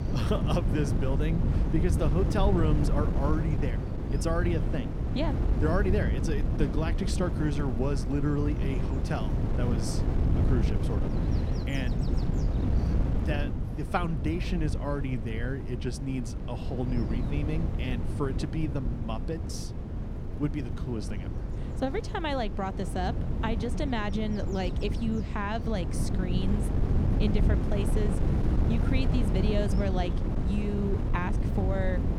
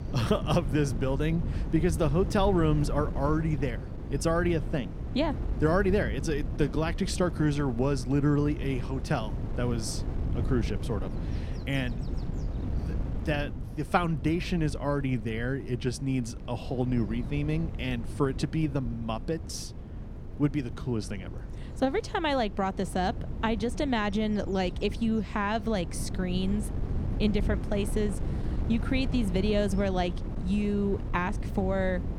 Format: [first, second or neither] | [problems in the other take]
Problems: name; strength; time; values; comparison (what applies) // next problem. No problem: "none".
second | wind noise on the microphone; heavy; 5 dB below the speech; occasional gusts in the second